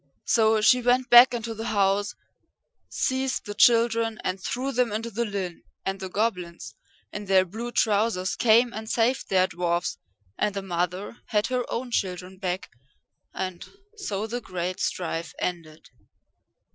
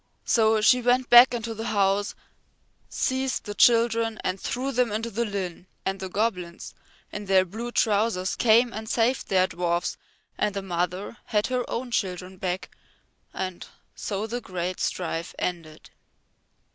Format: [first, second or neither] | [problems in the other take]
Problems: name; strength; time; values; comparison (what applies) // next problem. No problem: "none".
second | noise reduction (classical method Wiener filter)